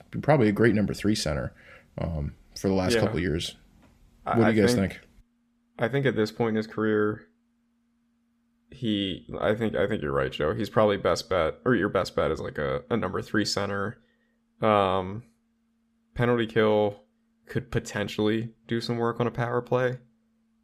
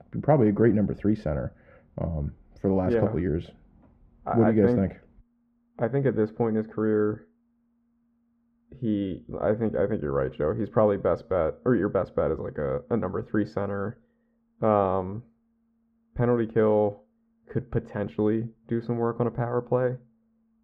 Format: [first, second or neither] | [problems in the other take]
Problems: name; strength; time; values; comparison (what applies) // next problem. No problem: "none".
first | muffled; very; fading above 2.5 kHz